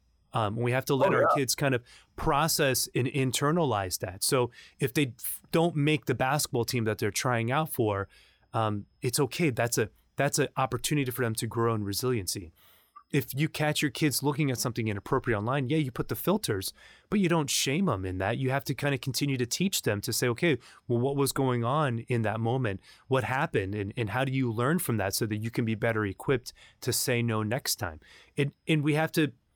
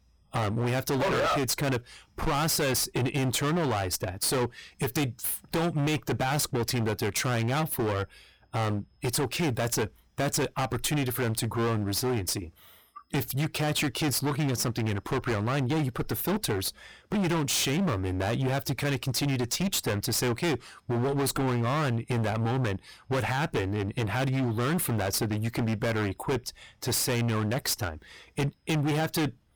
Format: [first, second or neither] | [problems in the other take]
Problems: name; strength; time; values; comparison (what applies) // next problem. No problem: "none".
first | distortion; heavy; 25% of the sound clipped